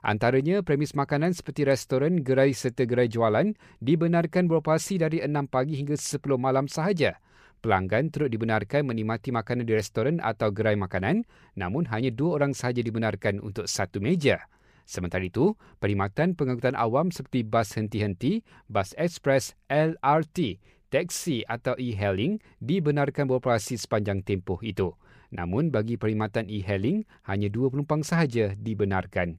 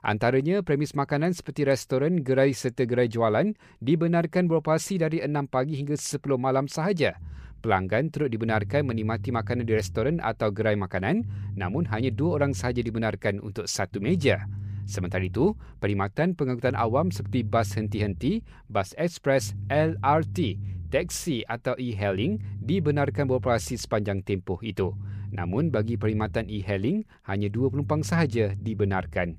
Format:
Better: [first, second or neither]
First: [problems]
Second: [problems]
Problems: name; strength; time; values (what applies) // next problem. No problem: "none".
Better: first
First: none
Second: low rumble; faint; from 7 s on; 20 dB below the speech